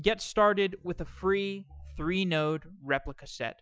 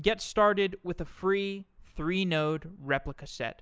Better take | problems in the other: second | noise reduction (classical method Wiener filter)

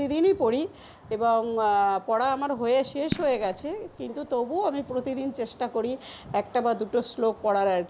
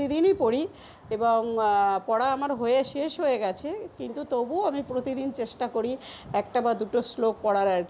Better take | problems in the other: second | background sound (Fireworks); 13 dB below the speech

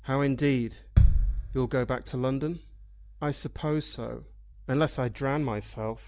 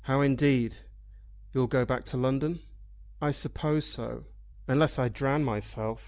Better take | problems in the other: second | background sound (Bass drum); 2 dB above the speech

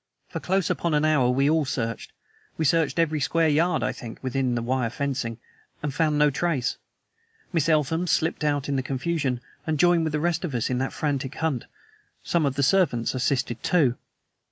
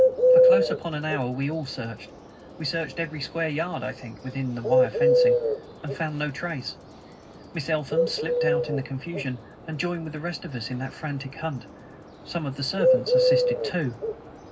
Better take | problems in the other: first | background sound (Bird); 5 dB above the speech // room echo; dies away in 0.4 s

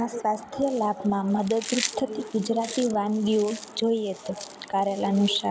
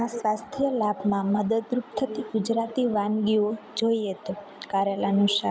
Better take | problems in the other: second | background sound (Chewing, mastication); 14 dB below the speech

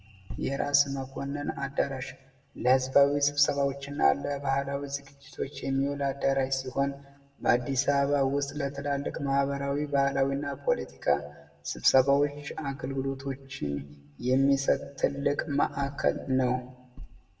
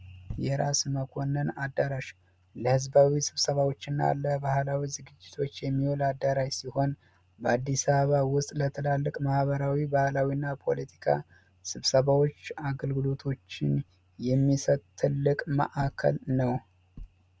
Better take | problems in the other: second | room echo; dies away in 0.6 s

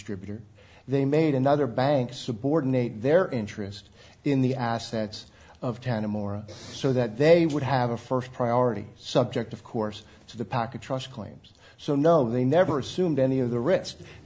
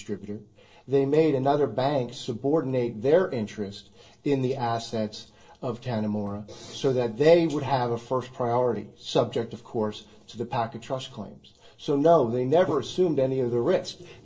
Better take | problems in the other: first | noise reduction (neural separator model SepFormer DNS4)

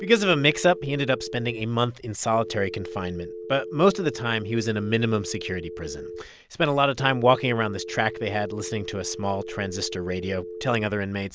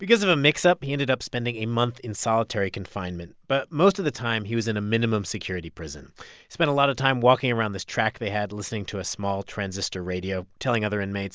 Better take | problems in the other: second | background sound (Telephone); 12 dB below the speech

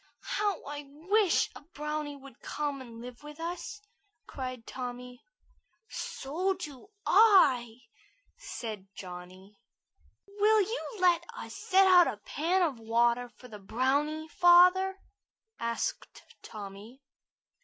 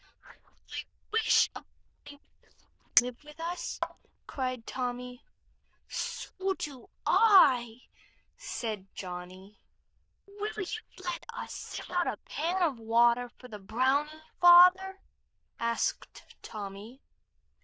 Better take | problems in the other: first | noise reduction (neural diffusion model UNIVERSE++)

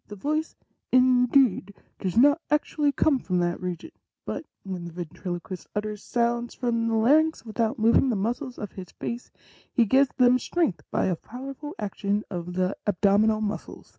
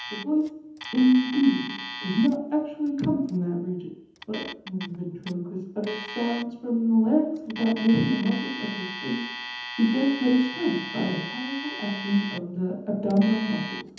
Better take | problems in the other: first | background sound (Alarm); 12 dB below the speech // room echo; dies away in 1.3 s

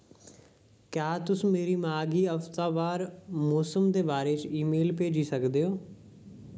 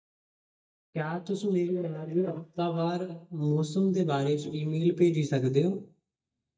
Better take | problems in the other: first | noise reduction (neural mask model DeepFilterNet 3)

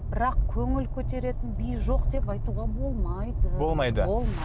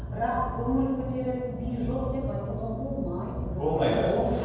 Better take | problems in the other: first | room echo; dies away in 1.2 s

